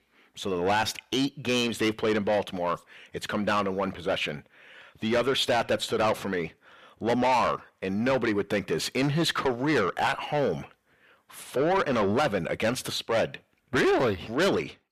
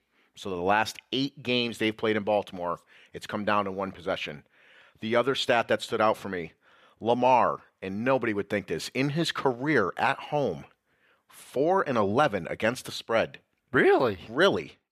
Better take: second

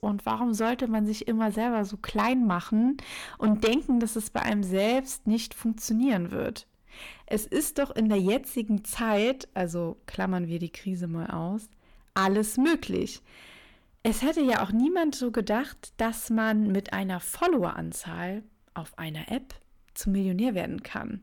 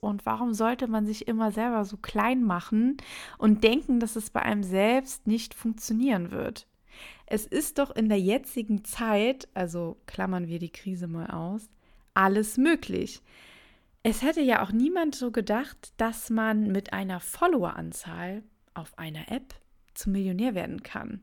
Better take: second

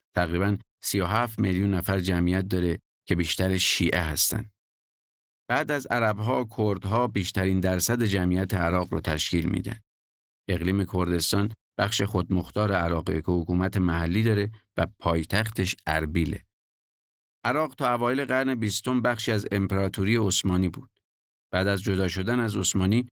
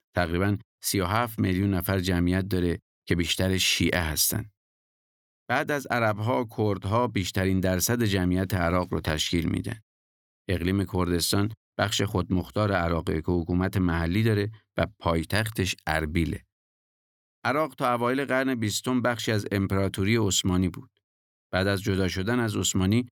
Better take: second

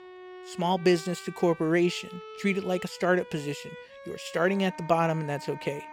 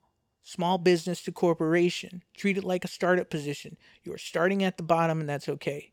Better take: second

